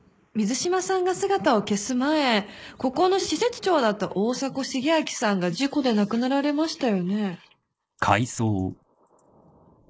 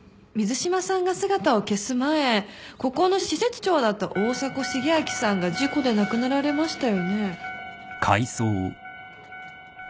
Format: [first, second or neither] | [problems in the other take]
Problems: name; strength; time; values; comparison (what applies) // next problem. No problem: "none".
second | noise reduction (neural mask model Resemble Enhance denoiser)